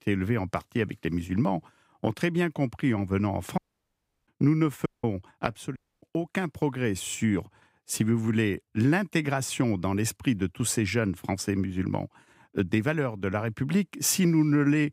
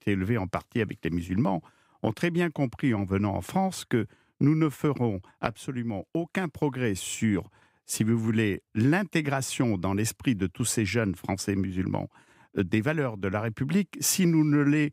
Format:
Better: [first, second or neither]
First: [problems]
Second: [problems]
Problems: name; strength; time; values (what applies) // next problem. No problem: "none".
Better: second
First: audio cutting out; at 3.5 s for 0.5 s, at 5 s and at 6 s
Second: none